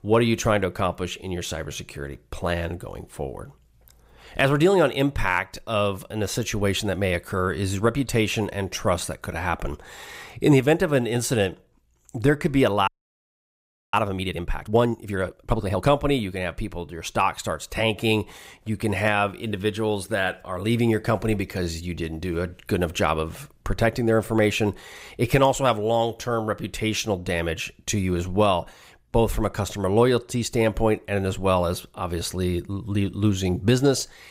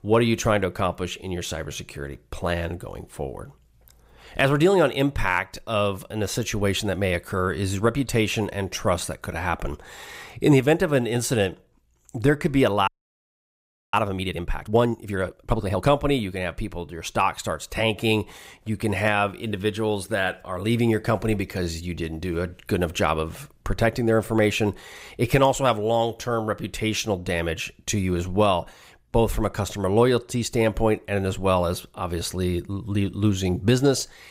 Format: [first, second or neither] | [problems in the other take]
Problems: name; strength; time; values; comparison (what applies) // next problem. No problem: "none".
neither | audio freezing; at 13 s for 1 s; the same in both